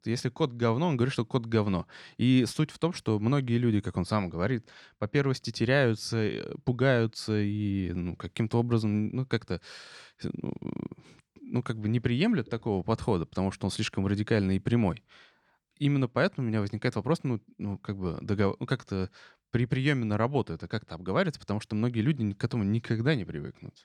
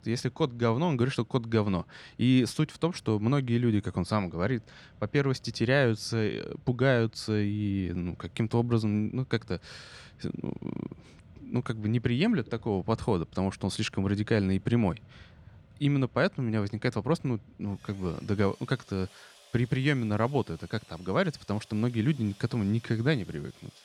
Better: first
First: none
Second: machinery noise; faint; throughout; 25 dB below the speech

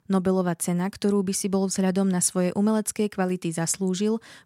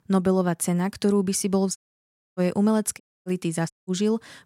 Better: first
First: none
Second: audio cutting out; at 2 s for 0.5 s, at 3 s and at 3.5 s

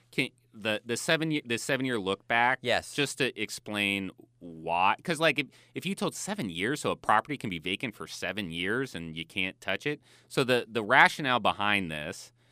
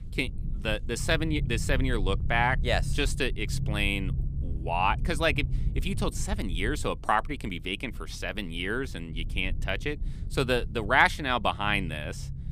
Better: first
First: none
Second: low rumble; faint; throughout; 20 dB below the speech

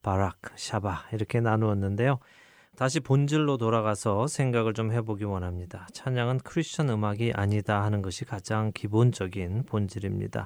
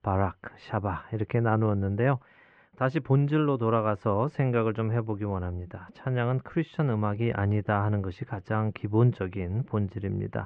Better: first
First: none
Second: muffled; very; fading above 2.5 kHz

